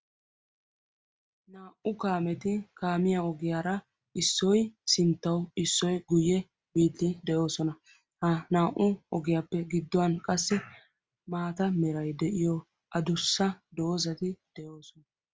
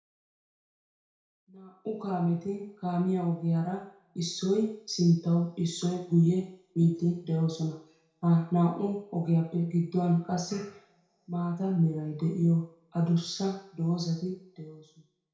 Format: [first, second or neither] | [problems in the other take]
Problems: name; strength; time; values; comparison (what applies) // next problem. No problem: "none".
first | room echo; dies away in 0.5 s